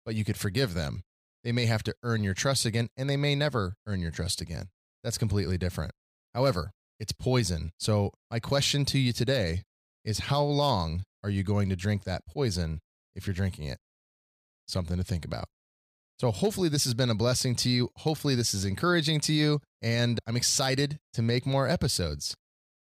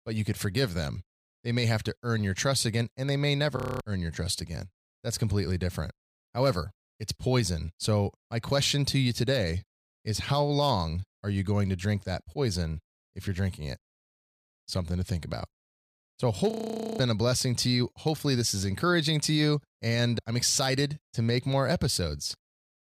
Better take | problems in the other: first | audio freezing; at 3.5 s and at 17 s

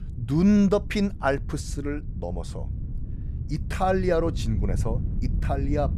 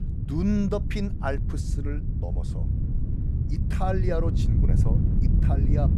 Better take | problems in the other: first | wind noise on the microphone; heavy; 6 dB below the speech; occasional gusts in the first

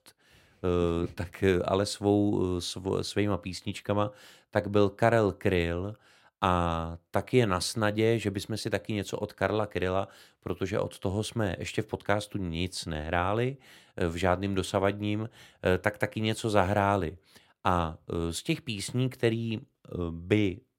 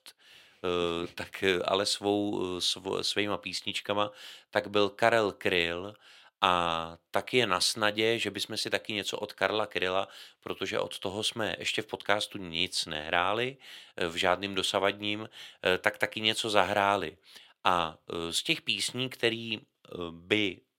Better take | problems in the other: first | thin; somewhat; fading below 1 kHz

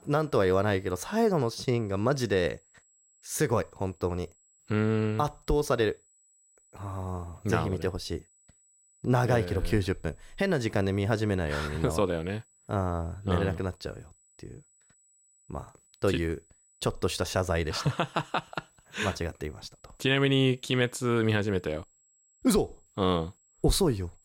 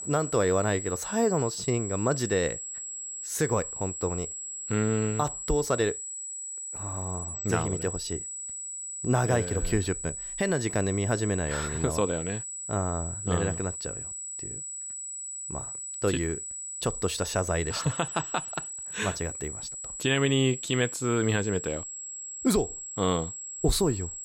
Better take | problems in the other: first | high-pitched whine; loud; throughout; 8 kHz, 6 dB below the speech; faint in the first

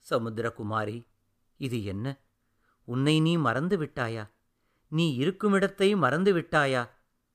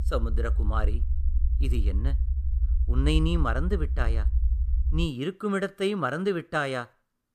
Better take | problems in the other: first | low rumble; noticeable; until 5 s; 20 dB below the speech

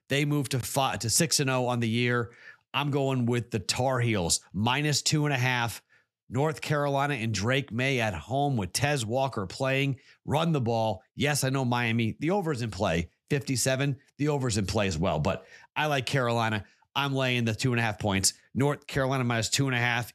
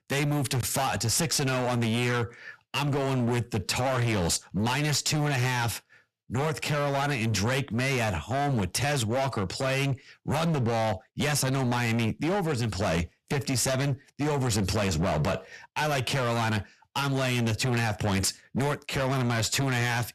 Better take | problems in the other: first | distortion; heavy; 27% of the sound clipped

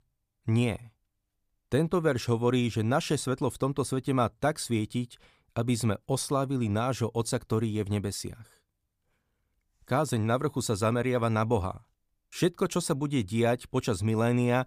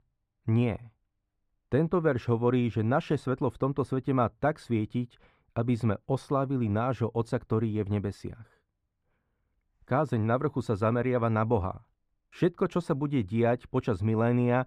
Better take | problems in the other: first | muffled; very; fading above 3.5 kHz

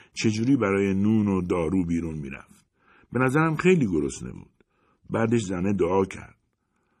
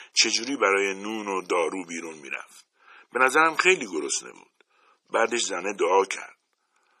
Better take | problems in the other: first | thin; very; fading below 500 Hz

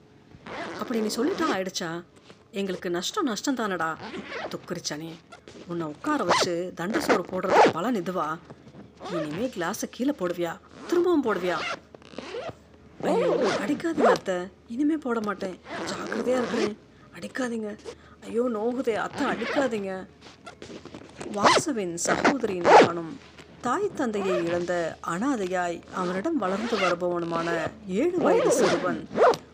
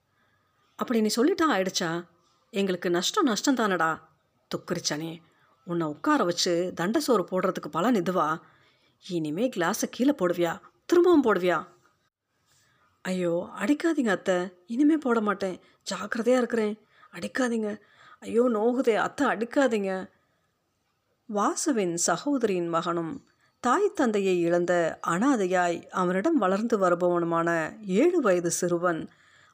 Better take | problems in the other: second | household noises; very loud; throughout; 2 dB above the speech

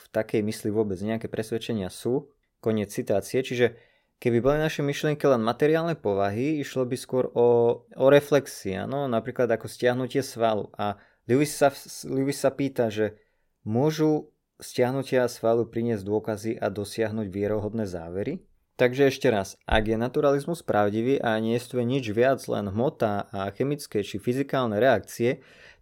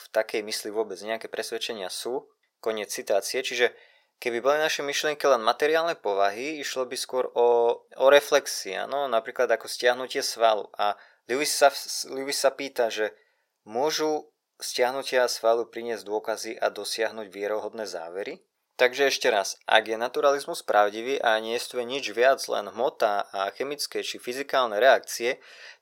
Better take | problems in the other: first | thin; very; fading below 700 Hz

